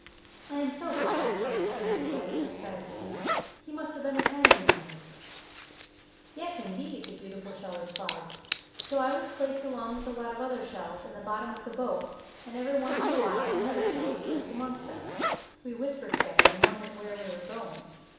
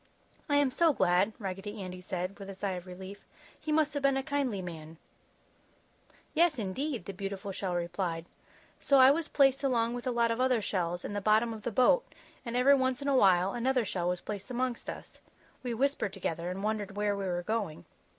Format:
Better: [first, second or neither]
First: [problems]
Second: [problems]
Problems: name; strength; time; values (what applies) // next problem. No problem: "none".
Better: second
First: background sound (Zipper (clothing)); 3 dB above the speech // room echo; dies away in 1.1 s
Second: none